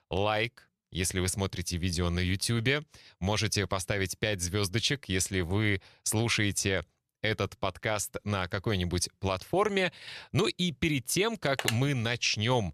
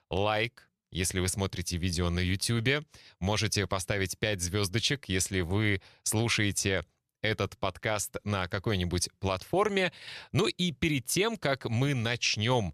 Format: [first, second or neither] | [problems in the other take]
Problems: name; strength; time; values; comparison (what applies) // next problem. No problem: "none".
second | phone ringing; noticeable; at 11 s; peak 3 dB below the speech